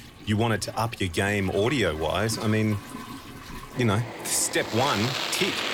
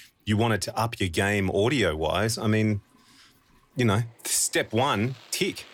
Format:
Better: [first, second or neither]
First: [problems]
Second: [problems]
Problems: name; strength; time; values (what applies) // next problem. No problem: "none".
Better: second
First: household noises; loud; throughout; 8 dB below the speech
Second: household noises; faint; throughout; 30 dB below the speech